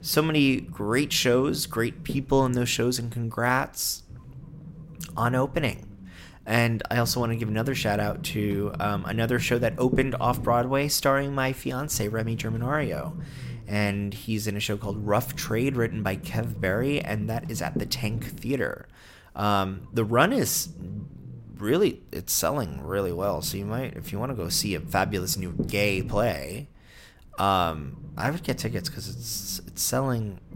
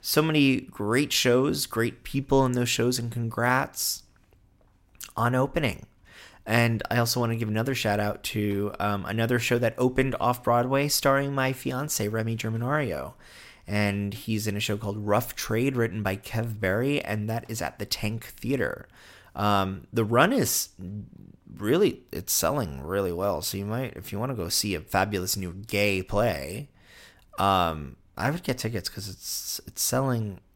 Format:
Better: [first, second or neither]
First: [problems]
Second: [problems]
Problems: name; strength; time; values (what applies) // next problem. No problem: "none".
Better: second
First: low rumble; noticeable; throughout; 20 dB below the speech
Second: none